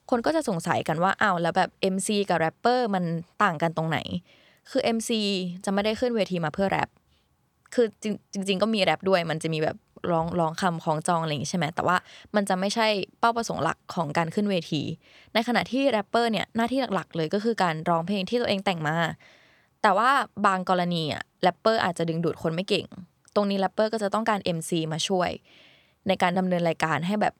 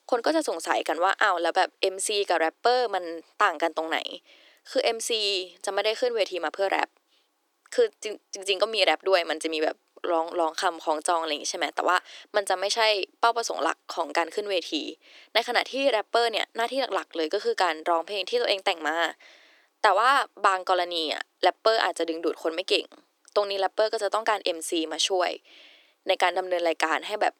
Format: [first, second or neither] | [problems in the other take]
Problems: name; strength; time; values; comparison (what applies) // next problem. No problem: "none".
first | thin; very; fading below 300 Hz